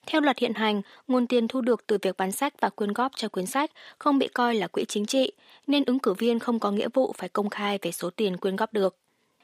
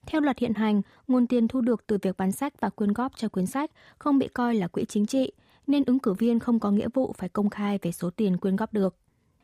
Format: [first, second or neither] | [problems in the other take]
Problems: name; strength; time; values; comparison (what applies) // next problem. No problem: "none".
second | thin; somewhat; fading below 350 Hz